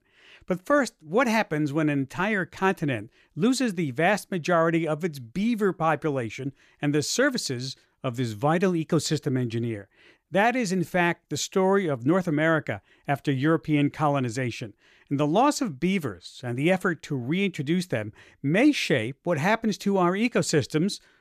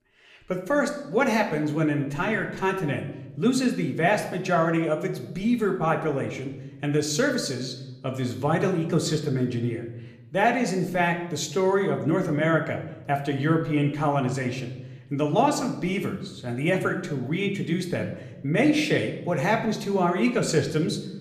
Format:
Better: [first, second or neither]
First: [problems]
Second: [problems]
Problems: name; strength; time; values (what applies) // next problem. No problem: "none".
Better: first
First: none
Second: room echo; slight; dies away in 0.8 s // off-mic speech; somewhat distant